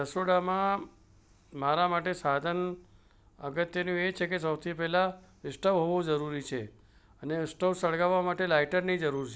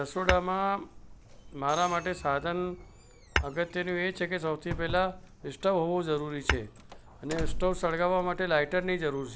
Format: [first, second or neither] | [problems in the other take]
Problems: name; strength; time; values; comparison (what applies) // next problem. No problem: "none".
first | background sound (Tap / Hammer / Glass + Doorbell); 7 dB below the speech